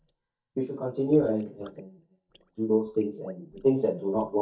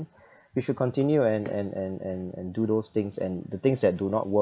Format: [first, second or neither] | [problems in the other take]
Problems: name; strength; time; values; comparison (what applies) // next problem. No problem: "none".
second | noise reduction (neural mask model DeepFilterNet 3)